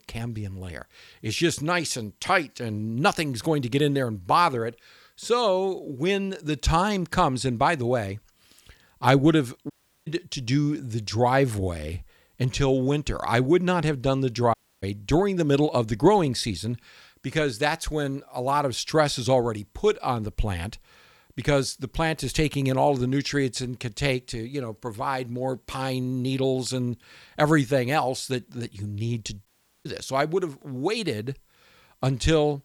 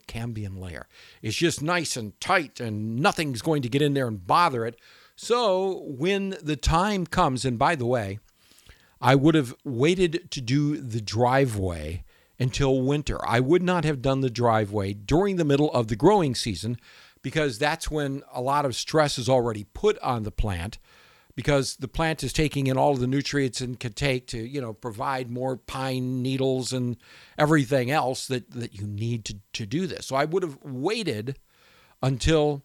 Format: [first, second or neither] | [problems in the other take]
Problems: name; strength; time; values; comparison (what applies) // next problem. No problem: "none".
second | audio cutting out; at 9.5 s, at 15 s and at 29 s